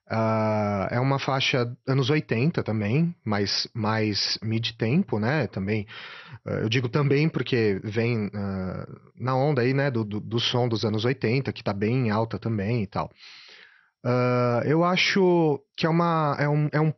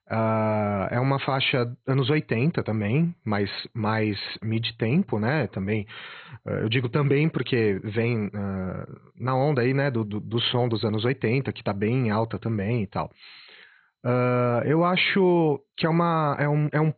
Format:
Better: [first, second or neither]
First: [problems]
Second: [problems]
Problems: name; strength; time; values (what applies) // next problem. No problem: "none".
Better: first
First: garbled, watery; slightly; nothing above 6 kHz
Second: garbled, watery; badly; nothing above 4 kHz